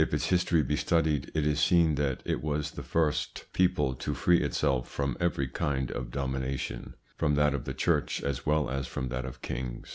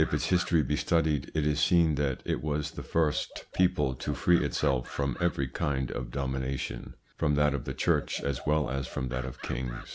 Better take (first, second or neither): first